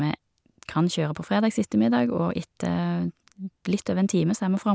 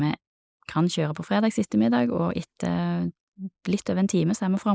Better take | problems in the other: first | noise reduction (neural mask model Resemble Enhance denoiser)

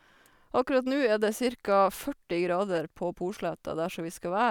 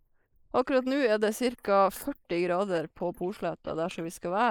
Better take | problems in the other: first | noise reduction (neural mask model Resemble Enhance denoiser)

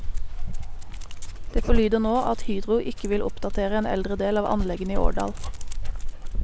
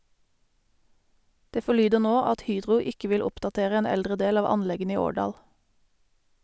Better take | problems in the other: second | background sound (Dog); 3 dB above the speech

